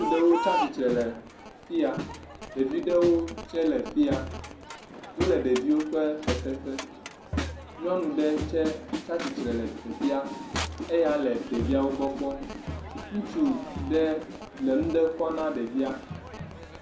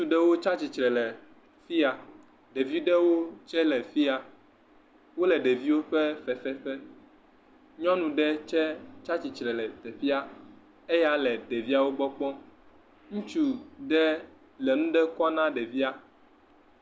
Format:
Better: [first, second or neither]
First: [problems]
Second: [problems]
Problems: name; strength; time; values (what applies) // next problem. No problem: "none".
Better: second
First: background sound (Crowd); 8 dB below the speech // room echo; dies away in 0.6 s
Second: none